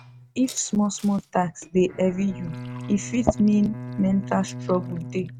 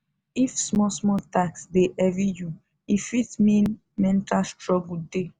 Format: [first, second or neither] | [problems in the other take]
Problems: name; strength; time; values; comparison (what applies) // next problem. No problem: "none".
second | noise reduction (neural mask model RNNoise)